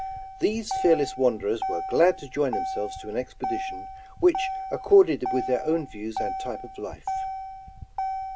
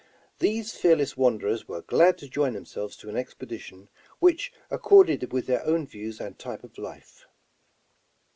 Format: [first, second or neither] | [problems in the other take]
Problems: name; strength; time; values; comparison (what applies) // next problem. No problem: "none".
second | background sound (Motor vehicle (road)); 7 dB below the speech